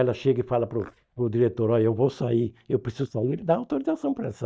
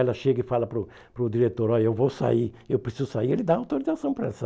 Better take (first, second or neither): second